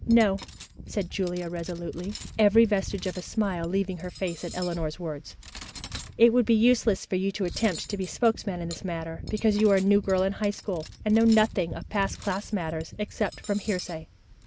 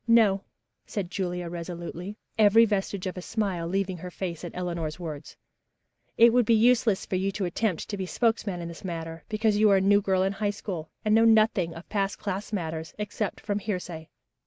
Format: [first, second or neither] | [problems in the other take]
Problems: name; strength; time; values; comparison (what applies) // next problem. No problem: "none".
second | background sound (Cutlery, silverware); 15 dB below the speech